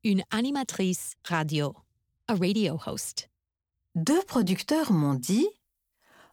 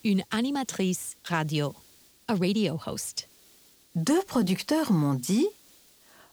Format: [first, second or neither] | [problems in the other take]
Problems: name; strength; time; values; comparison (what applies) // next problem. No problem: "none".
first | hiss; faint; throughout; 25 dB below the speech